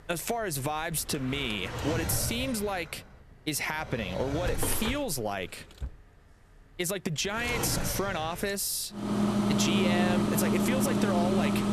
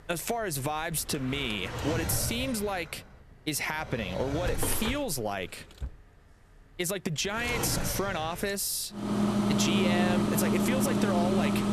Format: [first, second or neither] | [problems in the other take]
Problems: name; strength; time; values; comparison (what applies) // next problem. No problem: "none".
neither | household noises; very loud; throughout; 1 dB above the speech; the same in both